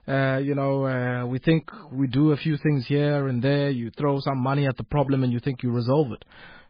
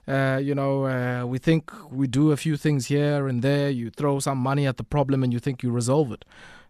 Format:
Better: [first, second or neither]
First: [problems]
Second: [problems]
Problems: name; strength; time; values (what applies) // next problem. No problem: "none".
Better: second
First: garbled, watery; badly; nothing above 4.5 kHz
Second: none